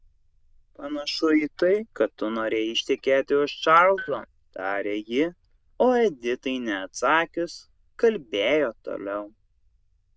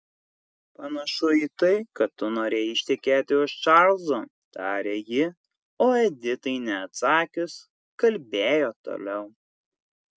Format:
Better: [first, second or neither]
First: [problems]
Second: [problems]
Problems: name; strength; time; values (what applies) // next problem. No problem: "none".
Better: second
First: noise reduction (neural diffusion model UNIVERSE++)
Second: none